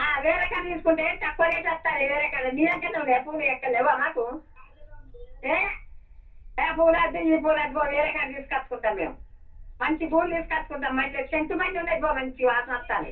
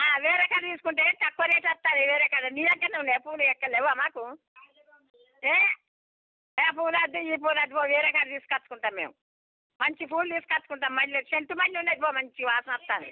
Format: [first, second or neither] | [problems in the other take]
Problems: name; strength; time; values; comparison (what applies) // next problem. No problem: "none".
second | background sound (Bark); 17 dB below the speech // room echo; dies away in 0.3 s